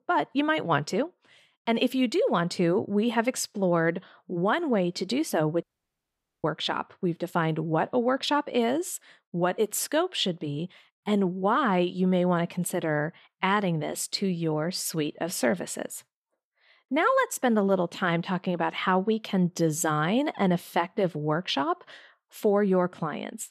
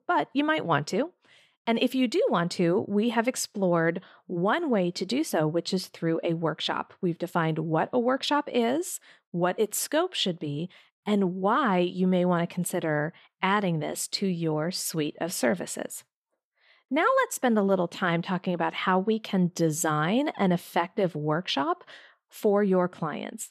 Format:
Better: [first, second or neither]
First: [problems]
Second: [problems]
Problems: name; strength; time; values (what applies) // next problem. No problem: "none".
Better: second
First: audio cutting out; at 5.5 s for 1 s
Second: none